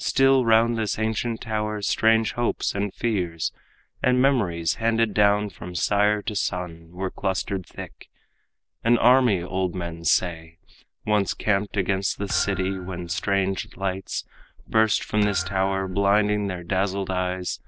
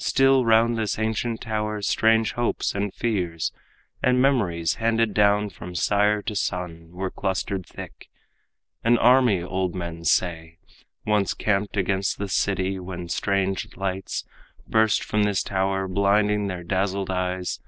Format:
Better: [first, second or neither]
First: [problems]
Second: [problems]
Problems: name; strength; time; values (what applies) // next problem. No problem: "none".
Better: second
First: background sound (Thump, thud); 16 dB below the speech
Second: none